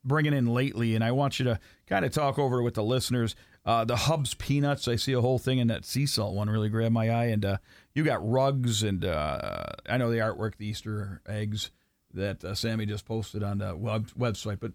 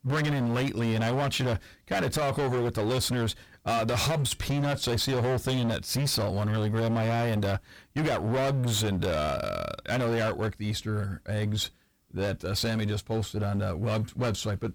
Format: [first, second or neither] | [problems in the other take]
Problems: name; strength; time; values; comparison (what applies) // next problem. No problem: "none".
first | distortion; heavy; 27% of the sound clipped